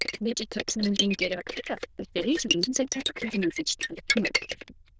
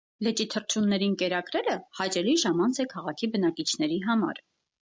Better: second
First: noise reduction (neural diffusion model UNIVERSE++)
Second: none

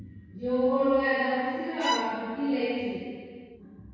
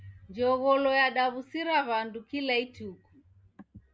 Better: second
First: background sound (Bowed string instrument); 6 dB below the speech // room echo; dies away in 2 s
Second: none

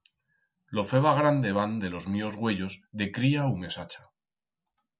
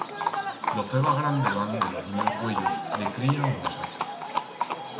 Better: first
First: none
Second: background sound (Livestock, farm animals, working animals); 1 dB below the speech // room echo; dies away in 0.6 s

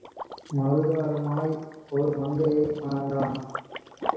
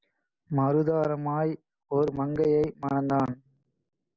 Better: second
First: background sound (Liquid); 10 dB below the speech // room echo; dies away in 0.9 s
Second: none

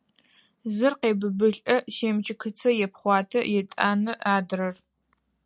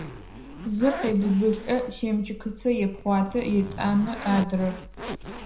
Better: first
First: none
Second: background sound (Zipper (clothing)); 11 dB below the speech // room echo; dies away in 0.5 s

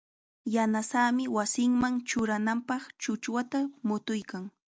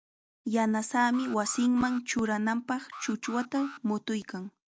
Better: first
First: none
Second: background sound (Alarm); 17 dB below the speech

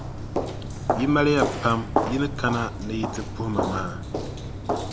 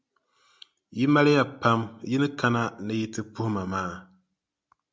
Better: second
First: background sound (Walk, footsteps); 1 dB below the speech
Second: none

